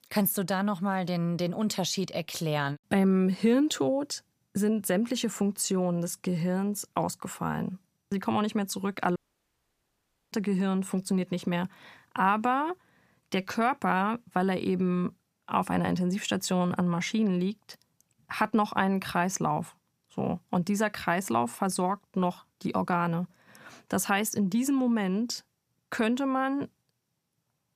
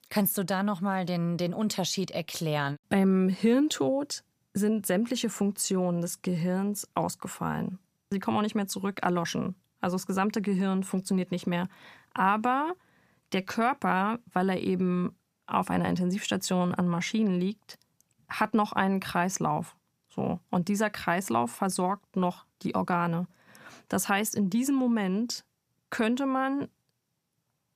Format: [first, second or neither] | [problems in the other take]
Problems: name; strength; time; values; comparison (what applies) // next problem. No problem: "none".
second | audio cutting out; at 9 s for 1 s